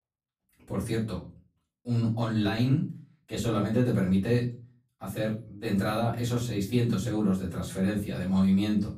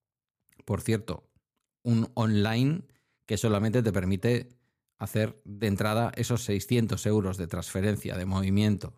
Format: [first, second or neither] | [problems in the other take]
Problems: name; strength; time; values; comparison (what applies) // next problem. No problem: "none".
second | room echo; slight; dies away in 0.3 s // off-mic speech; far